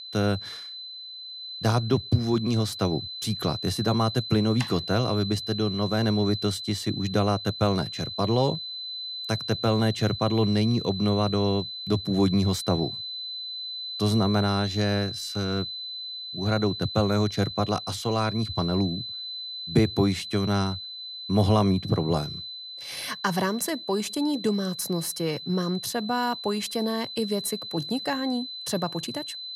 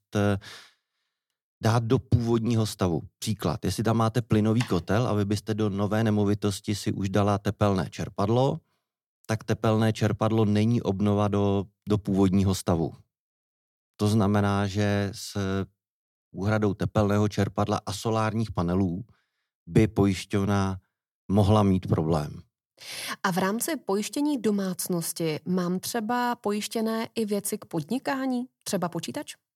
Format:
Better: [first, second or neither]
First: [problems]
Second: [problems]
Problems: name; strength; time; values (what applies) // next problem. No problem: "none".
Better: second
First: high-pitched whine; loud; throughout; 4 kHz, 8 dB below the speech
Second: none